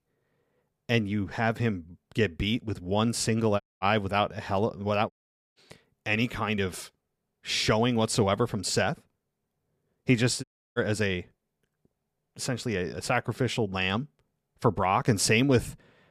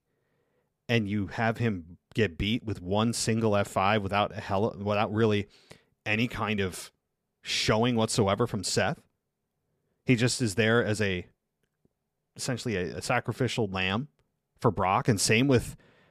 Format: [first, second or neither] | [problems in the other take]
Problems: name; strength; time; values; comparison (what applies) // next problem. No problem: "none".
second | audio cutting out; at 3.5 s, at 5 s and at 10 s